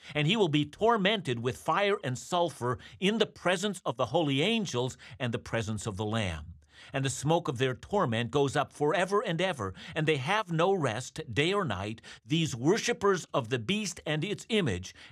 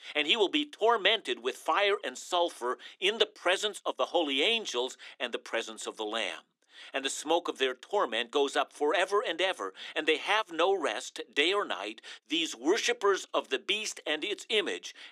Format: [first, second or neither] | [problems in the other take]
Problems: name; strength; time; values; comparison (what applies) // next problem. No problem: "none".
first | thin; somewhat; fading below 300 Hz